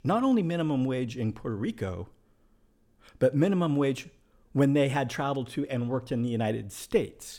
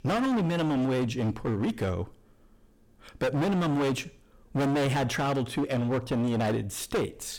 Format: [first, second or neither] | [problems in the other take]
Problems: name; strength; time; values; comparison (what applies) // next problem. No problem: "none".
first | distortion; heavy; 25% of the sound clipped